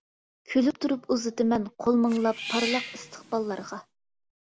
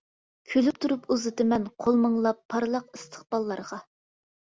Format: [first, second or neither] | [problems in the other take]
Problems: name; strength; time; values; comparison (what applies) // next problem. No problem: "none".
second | background sound (Cat); 11 dB below the speech